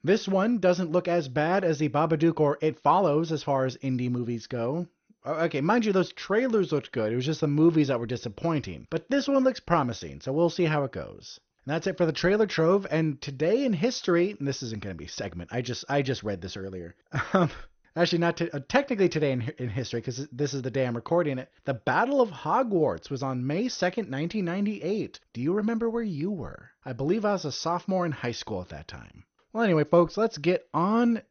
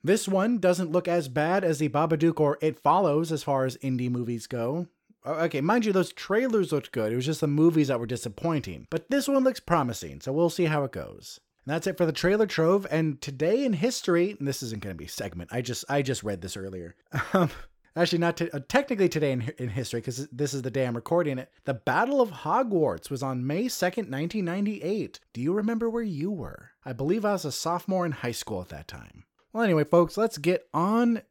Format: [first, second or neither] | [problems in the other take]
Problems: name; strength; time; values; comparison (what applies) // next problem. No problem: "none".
second | garbled, watery; slightly; nothing above 6.5 kHz